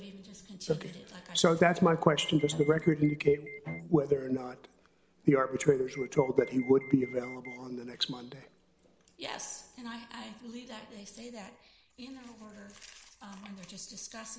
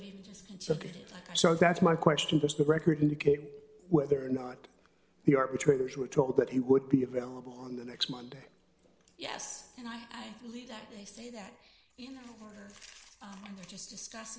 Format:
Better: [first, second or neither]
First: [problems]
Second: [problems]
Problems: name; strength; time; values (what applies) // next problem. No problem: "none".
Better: second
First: background sound (Alarm + Bowed string instrument); 15 dB below the speech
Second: none